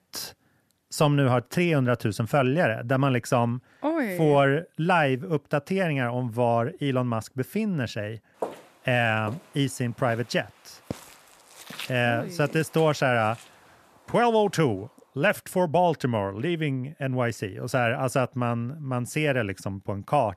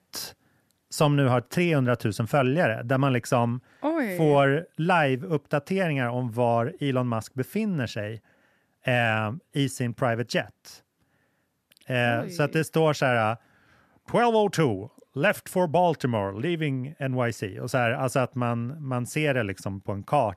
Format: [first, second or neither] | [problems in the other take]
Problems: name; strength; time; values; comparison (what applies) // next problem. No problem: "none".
second | footsteps; faint; from 8.5 to 13 s; peak 10 dB below the speech